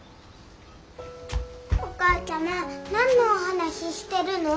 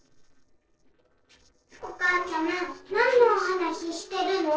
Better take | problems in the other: first | noise reduction (neural separator model SepFormer DNS4)

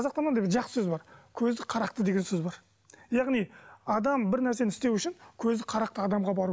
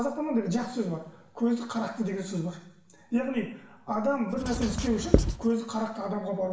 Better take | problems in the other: first | background sound (Writing); 2 dB above the speech // room echo; dies away in 0.7 s

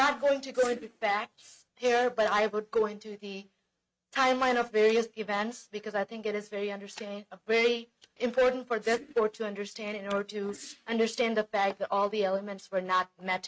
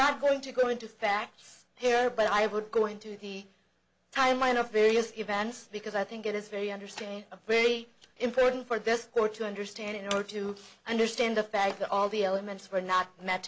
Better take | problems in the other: second | noise reduction (neural mask model RNNoise)

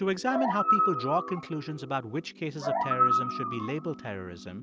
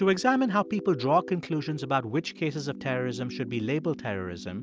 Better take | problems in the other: second | background sound (Animal); 2 dB above the speech

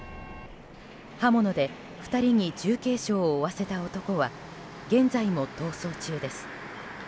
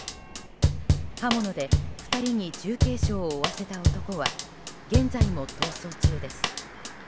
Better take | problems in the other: first | background sound (Drum / Drum kit); 4 dB above the speech

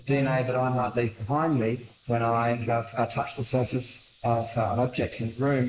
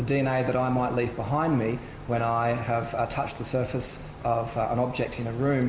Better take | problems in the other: second | noise reduction (neural mask model Resemble Enhance denoiser)

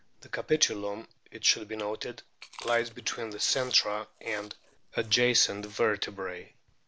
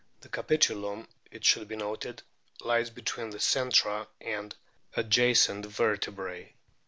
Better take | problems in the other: second | background sound (Chewing, mastication); 20 dB below the speech

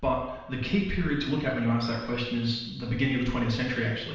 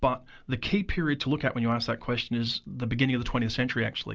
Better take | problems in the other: second | room echo; dies away in 1 s

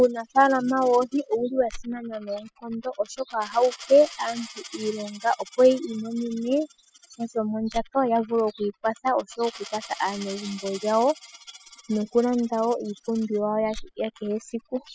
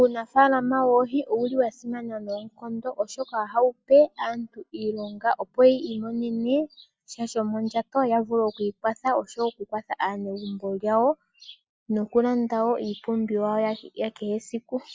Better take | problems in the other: second | noise reduction (classical method spectral subtraction)

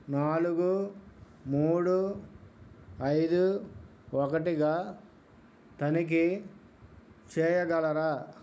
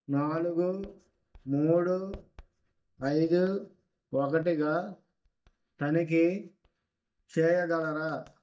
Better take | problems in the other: first | noise reduction (neural mask model DeepFilterNet 3)

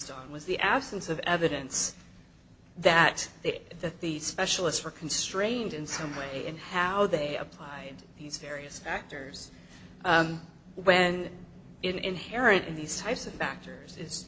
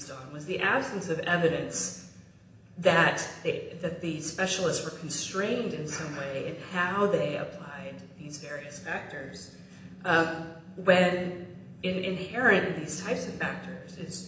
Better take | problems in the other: first | room echo; dies away in 0.8 s

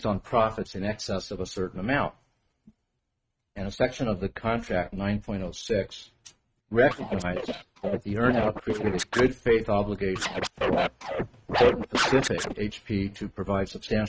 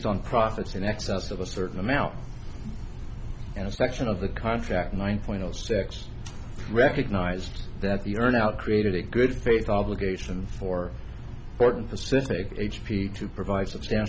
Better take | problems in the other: second | noise reduction (neural mask model RNNoise)

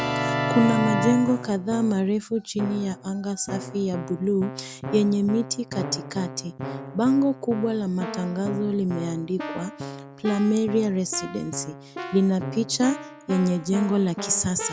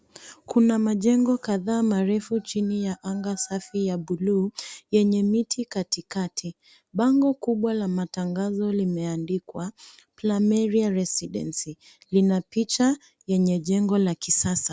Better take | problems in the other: second | background sound (Keyboard (musical)); 8 dB below the speech

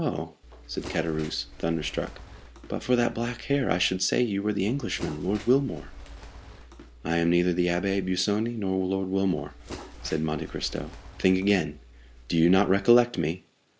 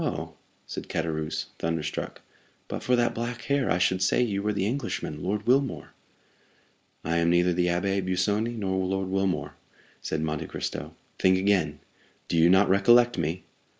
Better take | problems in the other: second | background sound (Bird); 17 dB below the speech

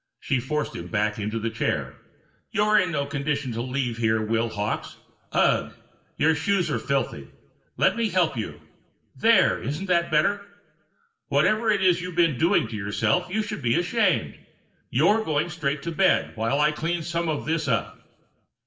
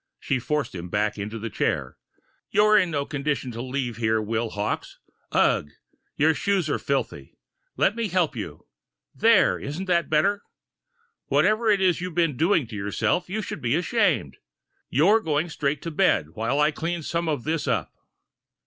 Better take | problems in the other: second | room echo; dies away in 0.6 s

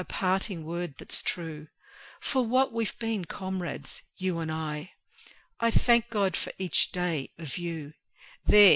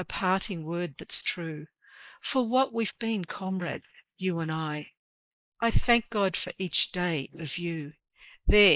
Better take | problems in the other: first | noise reduction (neural mask model Resemble Enhance denoiser)

